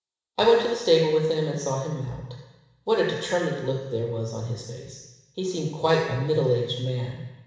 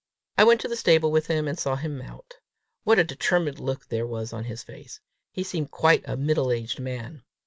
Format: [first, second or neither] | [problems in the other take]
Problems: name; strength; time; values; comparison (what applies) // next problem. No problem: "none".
second | room echo; dies away in 1 s